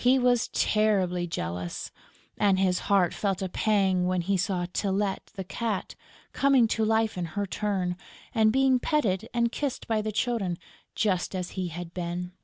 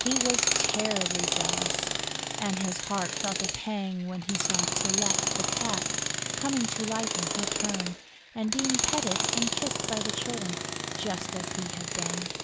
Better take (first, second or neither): first